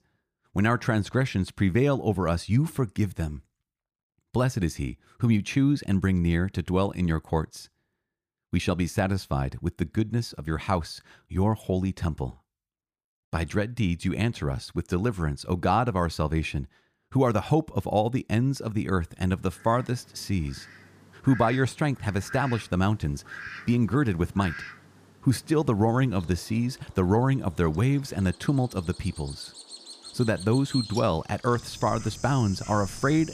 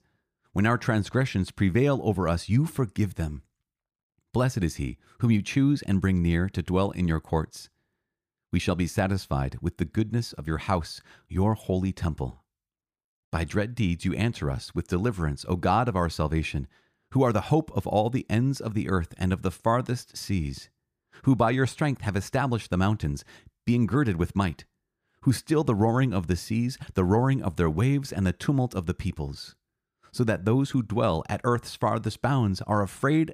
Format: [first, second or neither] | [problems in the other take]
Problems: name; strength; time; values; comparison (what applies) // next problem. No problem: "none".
second | animal sounds; noticeable; from 19 s on; 15 dB below the speech